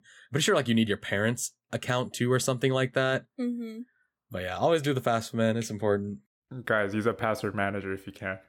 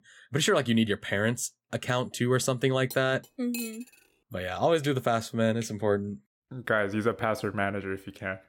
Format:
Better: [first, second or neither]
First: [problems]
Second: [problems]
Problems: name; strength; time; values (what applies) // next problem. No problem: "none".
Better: first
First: none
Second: clattering dishes; noticeable; at 3 s; peak 10 dB below the speech